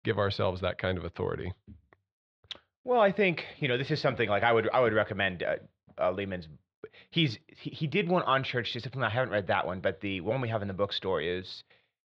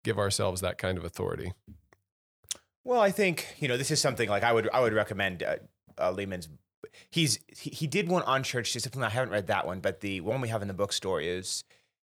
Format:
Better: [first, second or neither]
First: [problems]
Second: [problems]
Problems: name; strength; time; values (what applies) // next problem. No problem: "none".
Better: second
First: muffled; slightly; fading above 4 kHz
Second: none